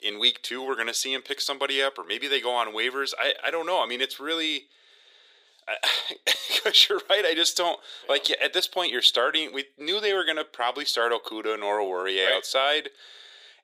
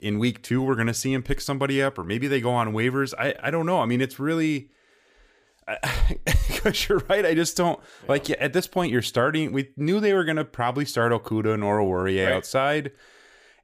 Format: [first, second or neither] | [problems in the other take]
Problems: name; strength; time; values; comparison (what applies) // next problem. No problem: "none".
second | thin; very; fading below 400 Hz